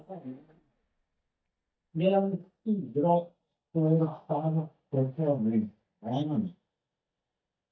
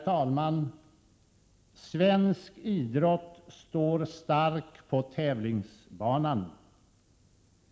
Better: second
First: noise reduction (neural mask model DeepFilterNet 3)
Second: none

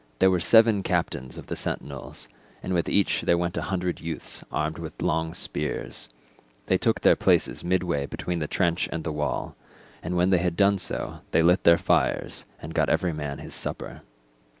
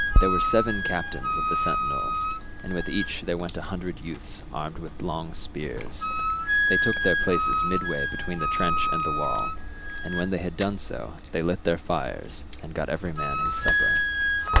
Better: first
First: none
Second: background sound (Chewing, mastication + Wind instrument, woodwind instrument); 4 dB above the speech

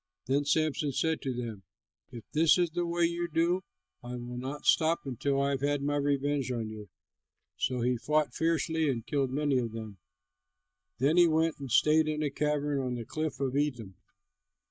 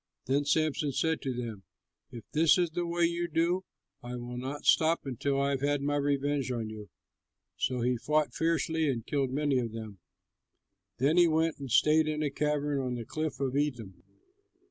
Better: second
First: noise reduction (neural mask model DeepFilterNet 3)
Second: none

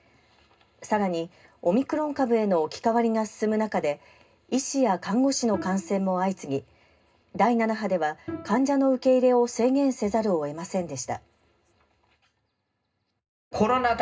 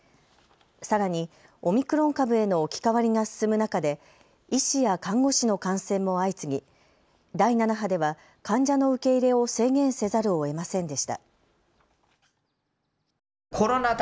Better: second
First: background sound (Bowed string instrument); 18 dB below the speech // room echo; dies away in 0.2 s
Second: none

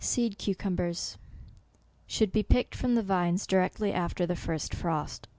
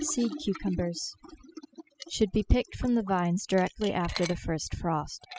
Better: first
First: none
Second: noise reduction (classical method spectral subtraction)

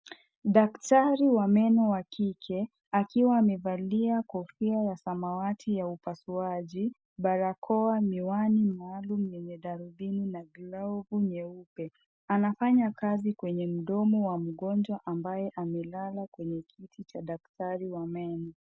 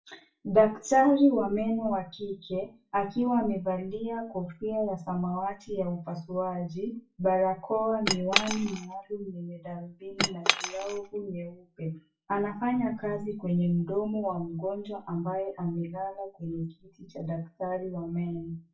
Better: first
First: none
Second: noise reduction (classical method WPE with log-MMSE)

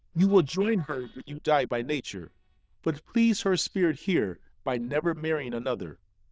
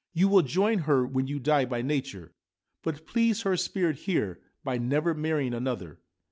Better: second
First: noise reduction (neural diffusion model UNIVERSE++)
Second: none

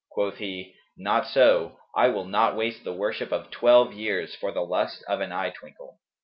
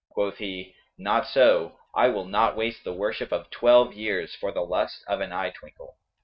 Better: first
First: none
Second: noise reduction (neural mask model RNNoise)

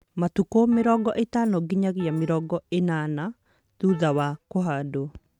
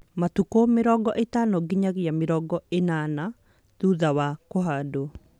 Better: second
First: noise reduction (neural mask model RNNoise)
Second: none

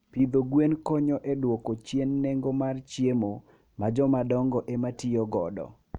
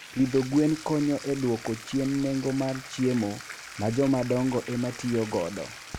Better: first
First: none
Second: background sound (Bathtub (filling or washing)); 15 dB below the speech

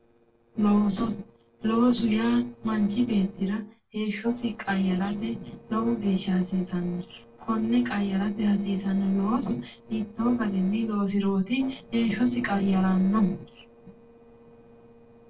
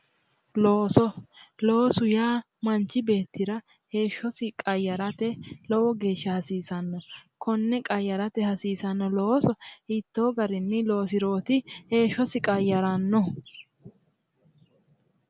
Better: second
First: noise reduction (neural separator model SepFormer DNS4)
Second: none

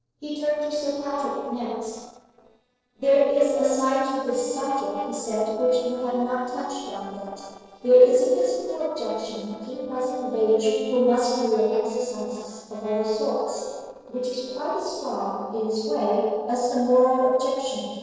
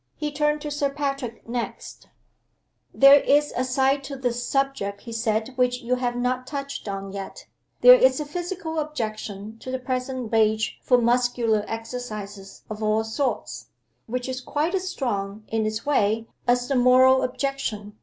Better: second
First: noise reduction (neural separator model SepFormer DNS4)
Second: none

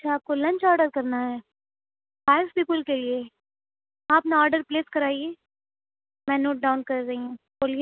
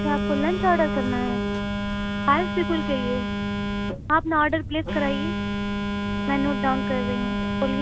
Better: first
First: none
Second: background sound (Telephone); as loud as the speech

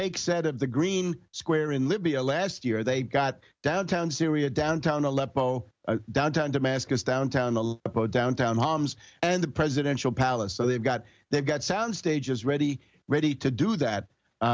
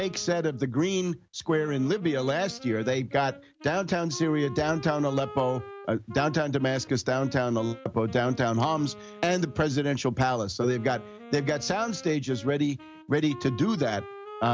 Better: first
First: none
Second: background sound (Wind instrument, woodwind instrument); 17 dB below the speech

